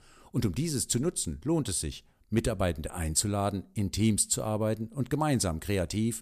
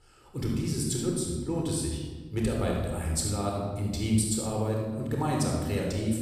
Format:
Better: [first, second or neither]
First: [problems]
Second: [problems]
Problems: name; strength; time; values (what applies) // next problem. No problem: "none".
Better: first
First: none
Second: off-mic speech; somewhat distant // room echo; strong; dies away in 1.2 s